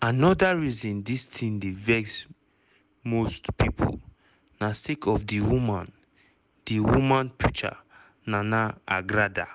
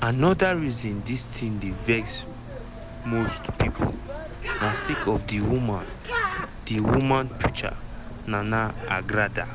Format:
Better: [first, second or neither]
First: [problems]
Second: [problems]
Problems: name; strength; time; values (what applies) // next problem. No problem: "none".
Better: first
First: none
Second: background sound (Bird); 7 dB below the speech